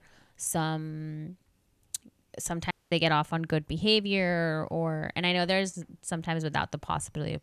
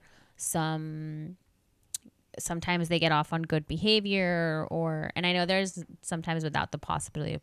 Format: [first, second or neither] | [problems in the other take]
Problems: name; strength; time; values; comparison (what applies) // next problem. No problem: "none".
second | audio cutting out; at 2.5 s